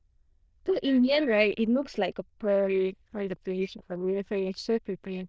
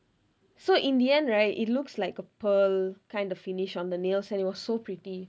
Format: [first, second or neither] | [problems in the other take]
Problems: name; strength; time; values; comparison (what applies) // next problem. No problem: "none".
second | noise reduction (neural diffusion model UNIVERSE++)